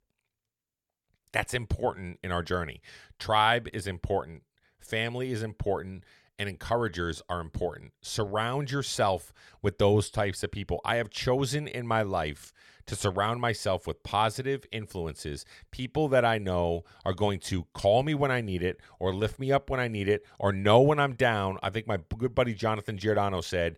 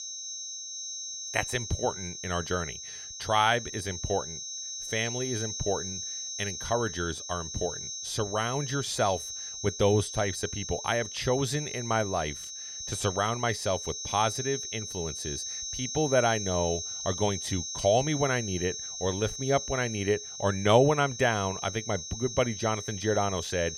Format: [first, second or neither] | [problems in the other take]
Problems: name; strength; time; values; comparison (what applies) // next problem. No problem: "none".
first | high-pitched whine; loud; throughout; 6 kHz, 6 dB below the speech